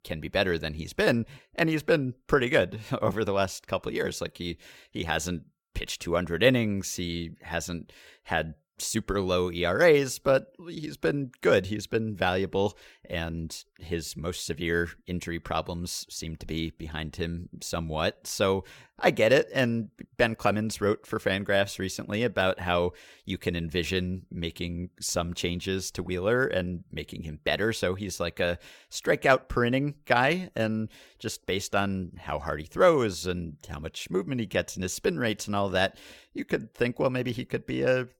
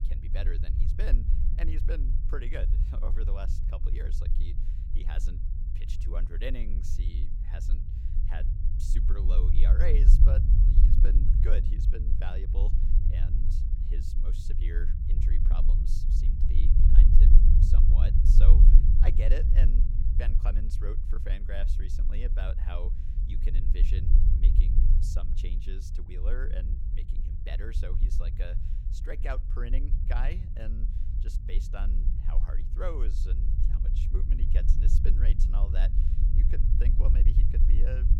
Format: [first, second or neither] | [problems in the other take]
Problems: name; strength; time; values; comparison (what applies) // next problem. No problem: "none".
first | low rumble; loud; throughout; 3 dB below the speech